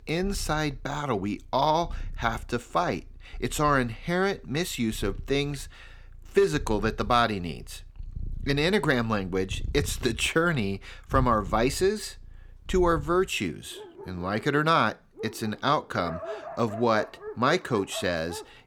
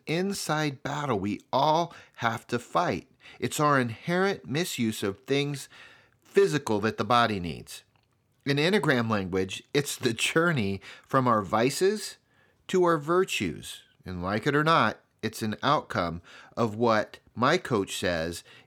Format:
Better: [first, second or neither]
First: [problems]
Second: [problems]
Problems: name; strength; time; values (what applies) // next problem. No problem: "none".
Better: second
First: animal sounds; noticeable; throughout; 15 dB below the speech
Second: none